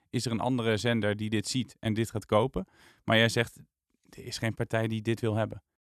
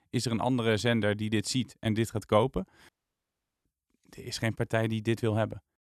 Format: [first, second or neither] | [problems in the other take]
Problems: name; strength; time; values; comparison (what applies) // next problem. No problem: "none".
first | audio cutting out; at 3 s for 1 s